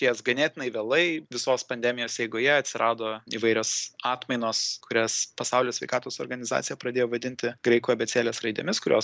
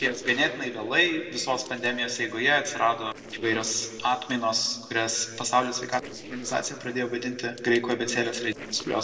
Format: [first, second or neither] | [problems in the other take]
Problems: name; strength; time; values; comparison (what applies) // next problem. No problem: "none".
first | noise reduction (neural separator model SepFormer DNS4)